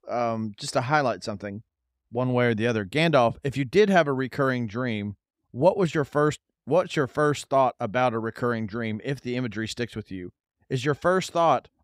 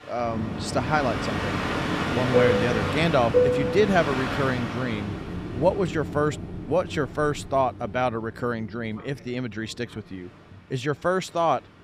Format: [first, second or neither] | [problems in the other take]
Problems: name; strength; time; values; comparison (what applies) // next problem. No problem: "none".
first | train or aircraft noise; loud; throughout; 1 dB below the speech